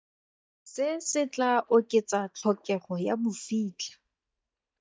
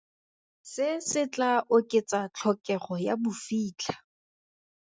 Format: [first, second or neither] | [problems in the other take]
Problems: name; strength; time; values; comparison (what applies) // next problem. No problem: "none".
second | noise reduction (neural mask model DeepFilterNet 3)